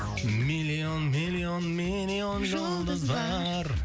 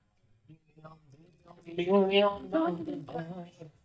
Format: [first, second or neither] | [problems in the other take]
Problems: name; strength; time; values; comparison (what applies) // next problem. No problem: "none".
first | noise reduction (neural mask model DeepFilterNet 3)